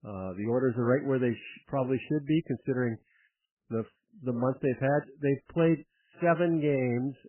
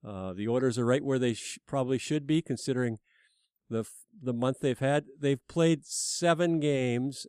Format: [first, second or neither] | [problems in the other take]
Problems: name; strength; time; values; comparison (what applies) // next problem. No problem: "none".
second | garbled, watery; badly; nothing above 3 kHz